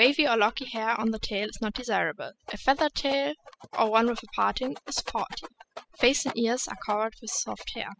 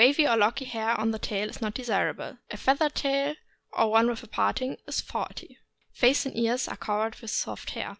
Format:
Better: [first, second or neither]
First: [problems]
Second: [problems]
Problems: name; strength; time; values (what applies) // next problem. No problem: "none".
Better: second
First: noise reduction (classical method spectral subtraction)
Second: none